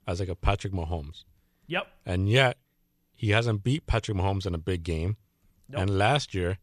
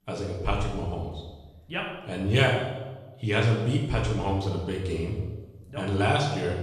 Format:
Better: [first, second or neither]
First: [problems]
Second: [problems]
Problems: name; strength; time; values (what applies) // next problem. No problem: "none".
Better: first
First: none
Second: room echo; noticeable; dies away in 0.9 s // off-mic speech; far